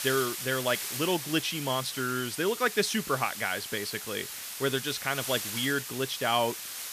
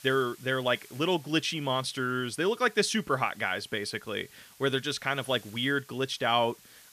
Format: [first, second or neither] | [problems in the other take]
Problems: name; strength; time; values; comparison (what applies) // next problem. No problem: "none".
second | hiss; loud; throughout; 6 dB below the speech; faint in the second